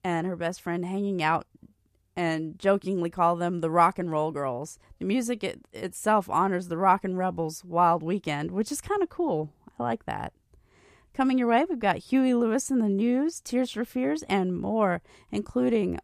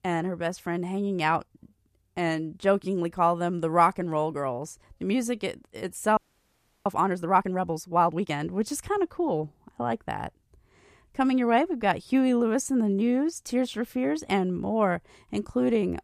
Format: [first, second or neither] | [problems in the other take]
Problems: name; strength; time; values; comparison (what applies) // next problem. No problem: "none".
first | audio freezing; at 6 s for 0.5 s